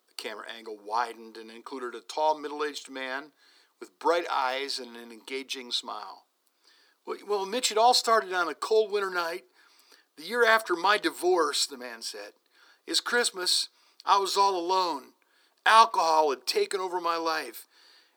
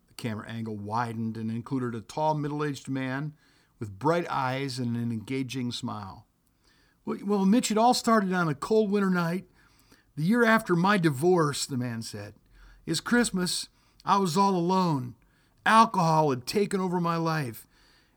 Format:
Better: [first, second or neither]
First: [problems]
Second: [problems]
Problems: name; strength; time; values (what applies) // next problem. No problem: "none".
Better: second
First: thin; very; fading below 350 Hz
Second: none